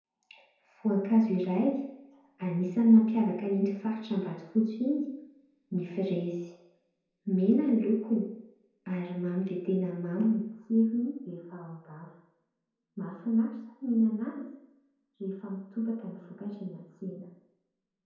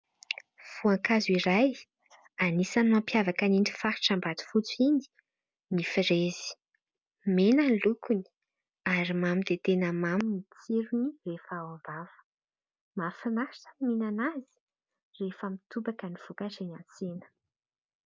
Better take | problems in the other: second | room echo; dies away in 0.9 s

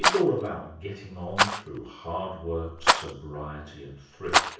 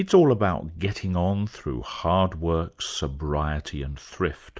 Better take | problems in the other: second | background sound (Rattle); 4 dB above the speech // room echo; dies away in 0.6 s

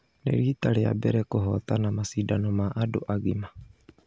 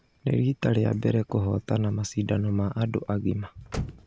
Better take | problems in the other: first | background sound (Slam / Car); 16 dB below the speech

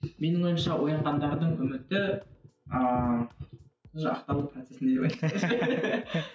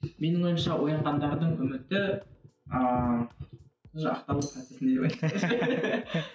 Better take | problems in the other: first | background sound (Tambourine); 19 dB below the speech

